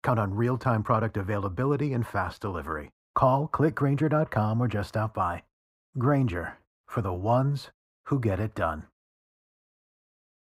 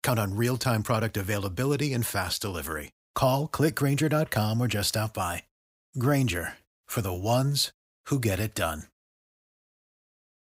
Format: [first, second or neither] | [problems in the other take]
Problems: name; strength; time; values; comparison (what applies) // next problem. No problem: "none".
second | muffled; very; fading above 2.5 kHz